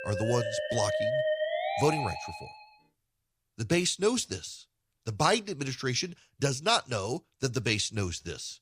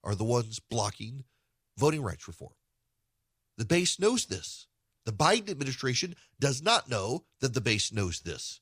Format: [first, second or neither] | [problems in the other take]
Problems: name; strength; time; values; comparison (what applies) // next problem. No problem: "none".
second | background music; loud; until 2.5 s; 2 dB below the speech